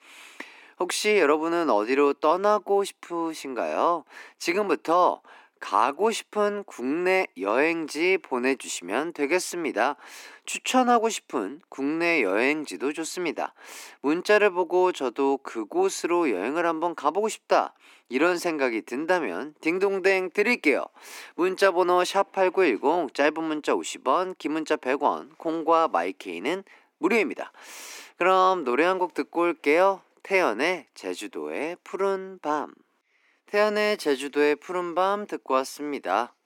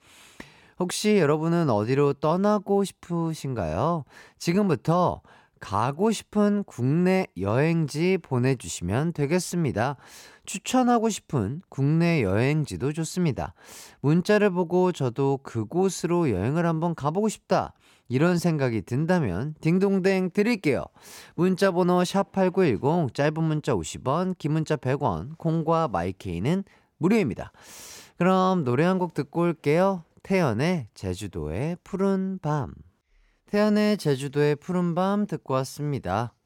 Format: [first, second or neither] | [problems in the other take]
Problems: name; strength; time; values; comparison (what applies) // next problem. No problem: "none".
second | thin; somewhat; fading below 250 Hz